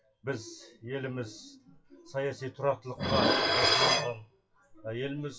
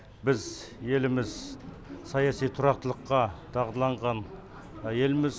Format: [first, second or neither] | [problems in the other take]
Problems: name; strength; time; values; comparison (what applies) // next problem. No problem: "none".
second | noise reduction (classical method WPE with log-MMSE)